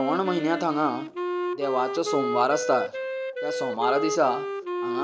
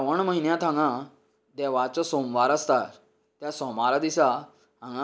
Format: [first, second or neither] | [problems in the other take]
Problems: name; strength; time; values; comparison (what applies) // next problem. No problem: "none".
second | background sound (Wind instrument, woodwind instrument); 3 dB below the speech